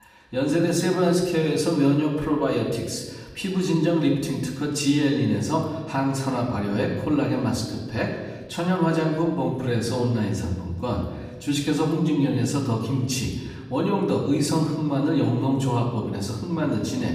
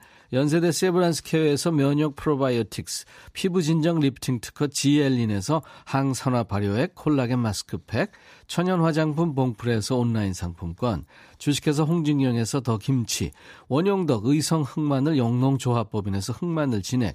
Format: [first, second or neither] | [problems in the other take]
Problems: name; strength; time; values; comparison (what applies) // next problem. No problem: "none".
second | off-mic speech; far // room echo; noticeable; dies away in 1.1 s